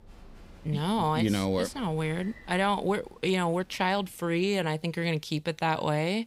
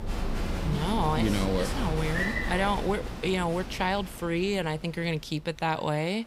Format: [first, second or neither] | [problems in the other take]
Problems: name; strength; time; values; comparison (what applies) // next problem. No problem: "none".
first | crowd noise; loud; throughout; 4 dB below the speech; faint in the first